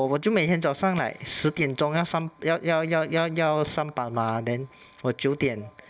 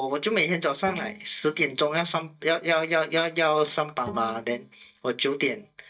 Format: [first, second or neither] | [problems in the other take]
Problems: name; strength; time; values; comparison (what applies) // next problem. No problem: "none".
first | noise reduction (neural mask model DeepFilterNet 3)